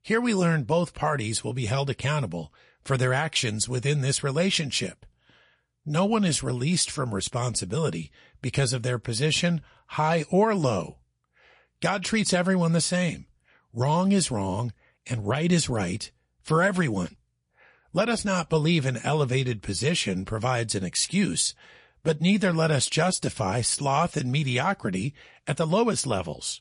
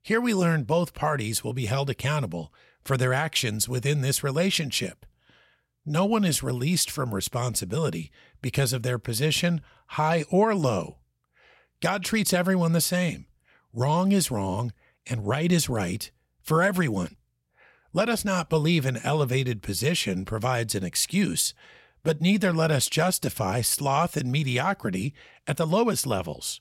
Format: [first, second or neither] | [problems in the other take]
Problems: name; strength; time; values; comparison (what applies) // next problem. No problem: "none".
second | garbled, watery; slightly; nothing above 10.5 kHz